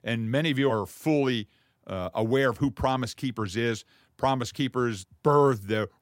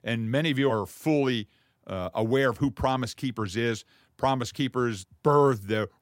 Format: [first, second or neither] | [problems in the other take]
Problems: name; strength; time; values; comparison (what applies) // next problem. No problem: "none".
neither | none